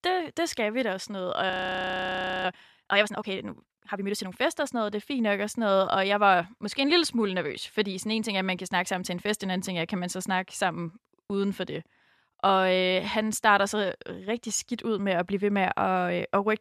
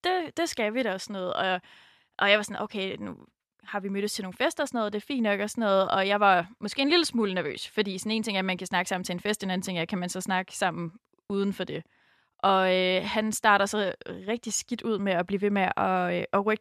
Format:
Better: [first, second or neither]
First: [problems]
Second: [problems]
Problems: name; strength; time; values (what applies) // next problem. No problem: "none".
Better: second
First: audio freezing; at 1.5 s for 1 s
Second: none